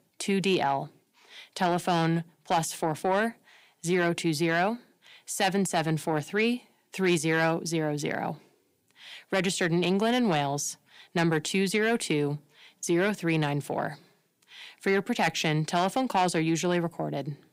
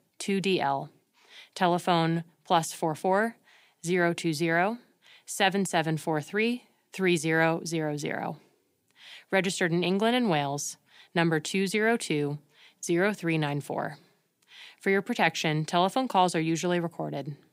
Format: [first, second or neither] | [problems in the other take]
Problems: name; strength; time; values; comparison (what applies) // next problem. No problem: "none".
second | distortion; slight; 10 dB below the speech